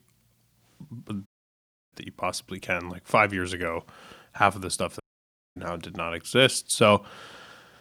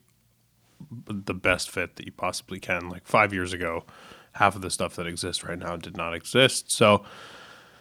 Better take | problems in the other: second | audio cutting out; at 1.5 s for 0.5 s and at 5 s for 0.5 s

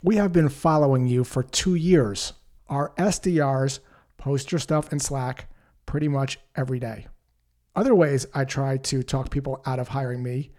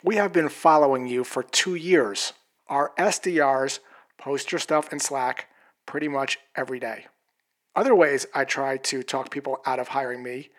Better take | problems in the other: first | thin; somewhat; fading below 300 Hz

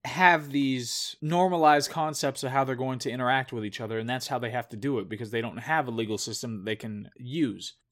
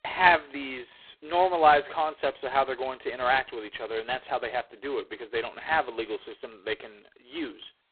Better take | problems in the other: first | phone-call audio; poor line; nothing above 4 kHz

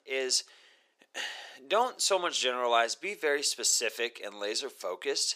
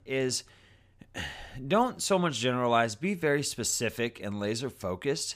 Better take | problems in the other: second | thin; very; fading below 400 Hz

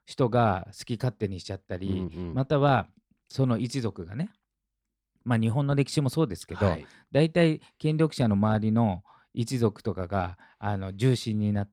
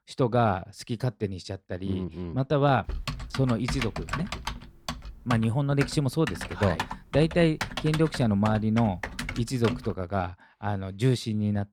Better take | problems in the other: first | keyboard typing; noticeable; from 3 to 10 s; peak 5 dB below the speech

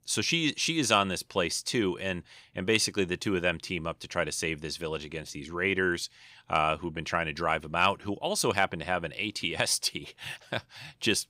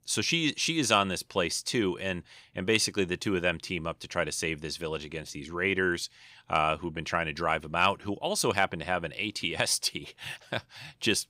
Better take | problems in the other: neither | none

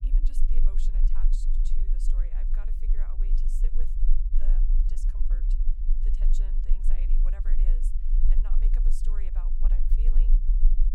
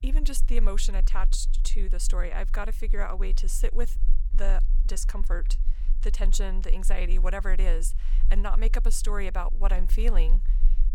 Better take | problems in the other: second | low rumble; loud; throughout; 1 dB below the speech; faint in the second

